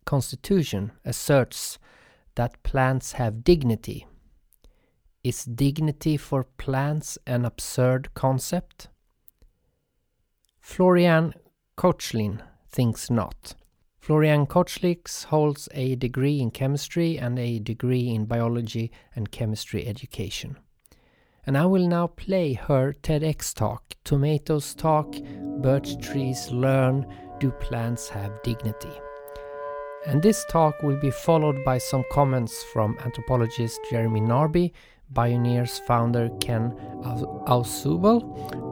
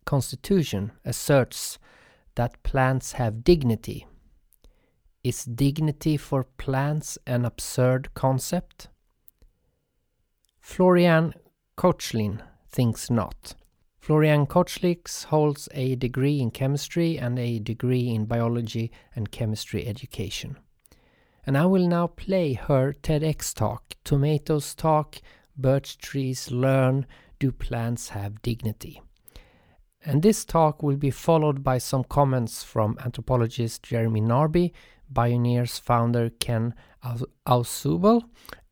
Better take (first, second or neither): second